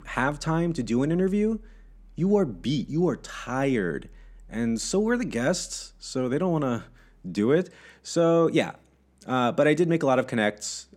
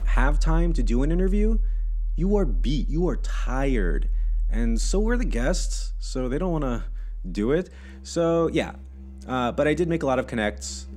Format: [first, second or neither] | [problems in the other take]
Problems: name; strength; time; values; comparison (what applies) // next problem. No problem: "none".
first | background music; loud; throughout; 4 dB below the speech; faint in the first